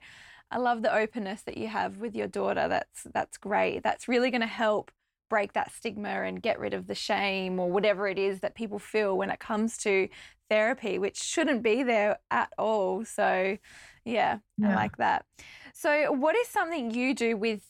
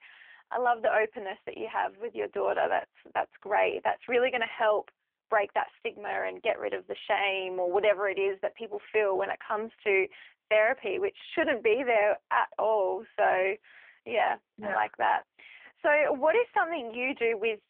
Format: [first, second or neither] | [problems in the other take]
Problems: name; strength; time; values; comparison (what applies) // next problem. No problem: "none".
first | phone-call audio; poor line